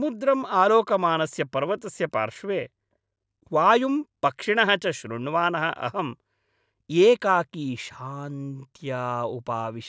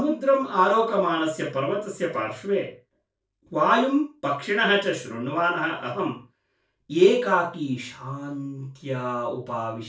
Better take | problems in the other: first | room echo; dies away in 0.3 s

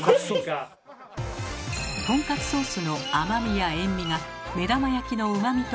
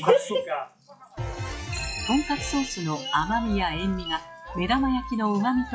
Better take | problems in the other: first | noise reduction (classical method log-MMSE)

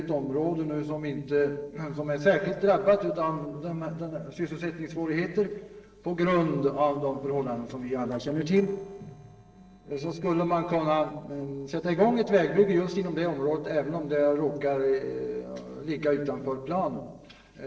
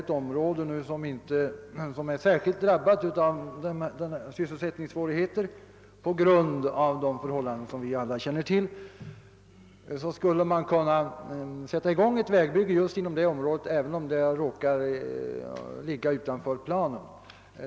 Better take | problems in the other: second | noise reduction (neural separator model SepFormer DNS4)

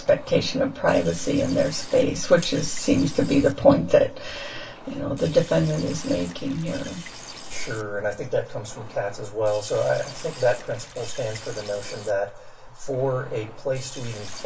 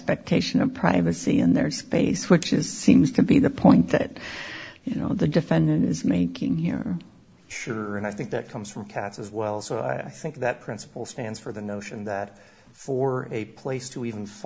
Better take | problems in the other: second | background sound (Liquid); 18 dB below the speech // room echo; dies away in 0.2 s

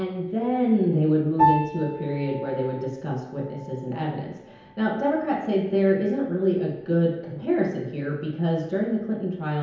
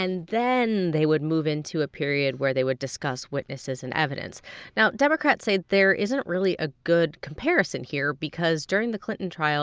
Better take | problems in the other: second | background sound (Piano); 9 dB below the speech // room echo; dies away in 1 s

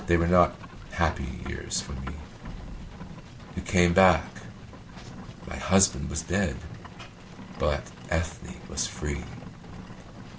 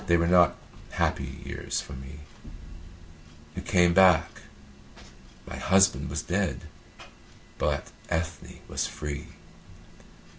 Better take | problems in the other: second | background sound (Livestock, farm animals, working animals); 14 dB below the speech

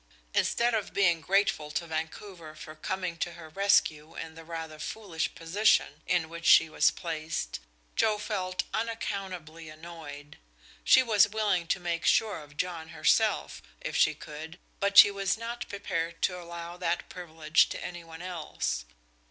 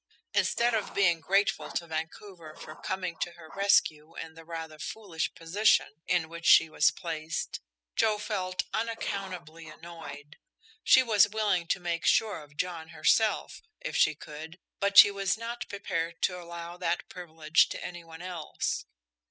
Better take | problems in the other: first | noise reduction (classical method spectral subtraction)

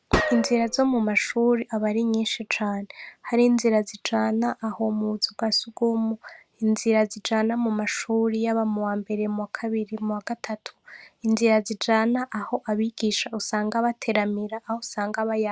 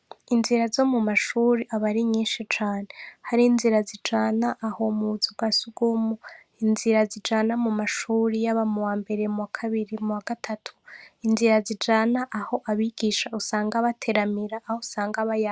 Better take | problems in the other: second | background sound (Gunshot, gunfire); 4 dB below the speech

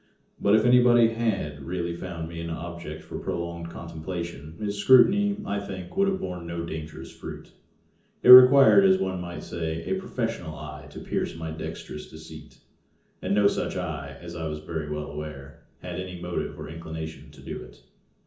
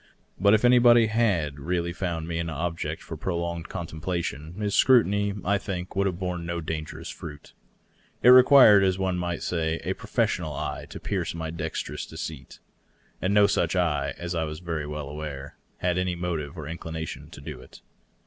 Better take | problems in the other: second | room echo; dies away in 0.6 s

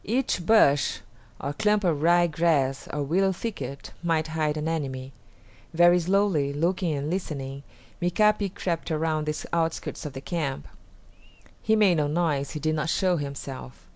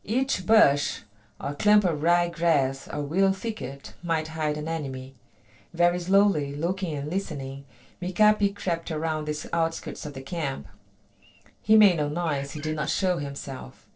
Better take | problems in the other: first | noise reduction (neural separator model SepFormer DNS4)

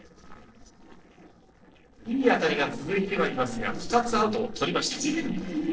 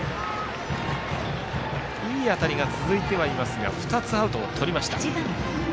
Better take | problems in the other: second | noise reduction (neural separator model SepFormer DNS4)

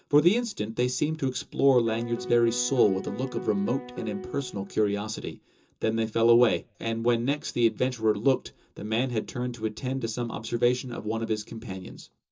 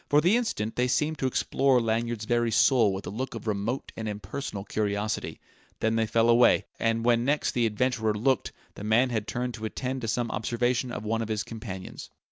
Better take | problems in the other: second | background sound (Piano); 12 dB below the speech // room echo; dies away in 0.2 s

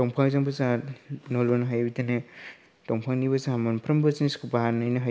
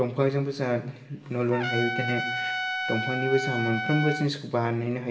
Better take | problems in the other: first | background sound (Trumpet); 3 dB below the speech // room echo; dies away in 0.6 s

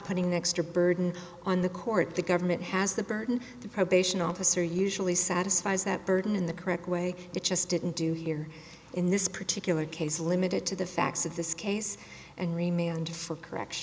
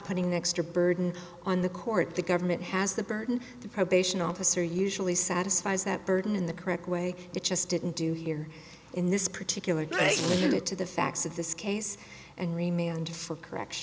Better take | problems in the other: first | background sound (Sneeze); 1 dB below the speech

